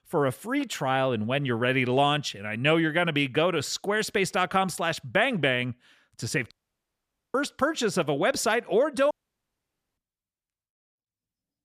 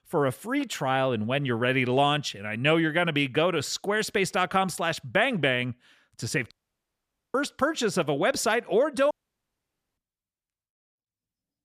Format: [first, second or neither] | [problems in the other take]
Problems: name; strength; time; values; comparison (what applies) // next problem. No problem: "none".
neither | audio cutting out; at 6.5 s for 1 s and at 9 s for 1 s; the same in both